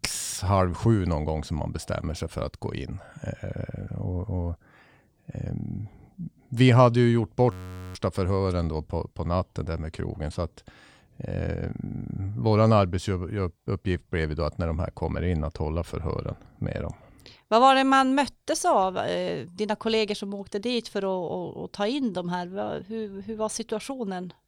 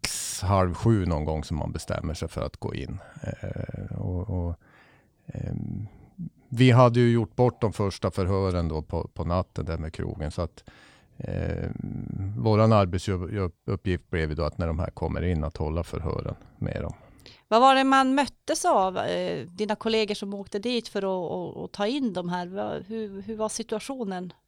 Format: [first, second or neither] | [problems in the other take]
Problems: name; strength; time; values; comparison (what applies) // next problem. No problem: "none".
second | audio freezing; at 7.5 s